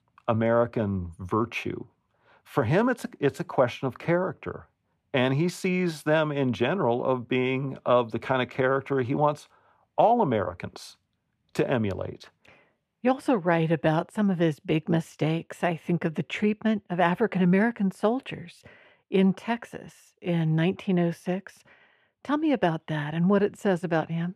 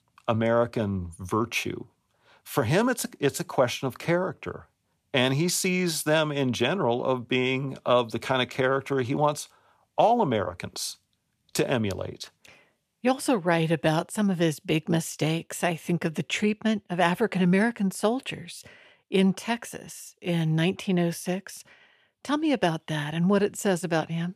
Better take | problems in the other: second | muffled; slightly; fading above 3.5 kHz

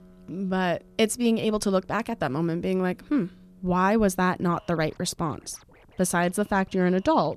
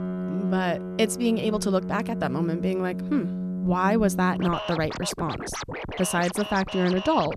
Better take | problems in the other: first | background music; loud; throughout; 6 dB below the speech; faint in the first

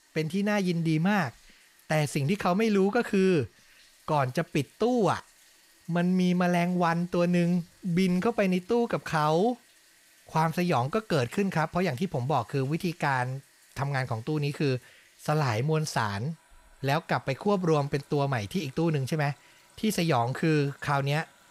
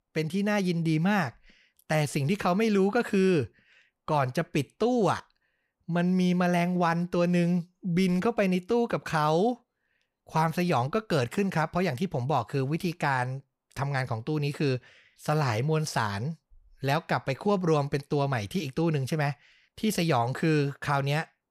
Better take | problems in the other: second | household noises; faint; throughout; 30 dB below the speech

